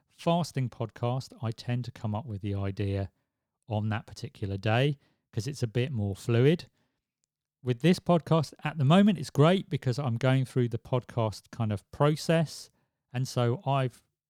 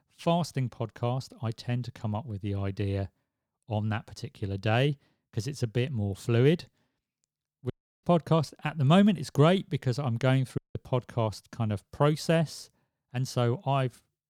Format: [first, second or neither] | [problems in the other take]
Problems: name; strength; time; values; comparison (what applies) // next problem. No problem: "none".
first | audio cutting out; at 7.5 s and at 11 s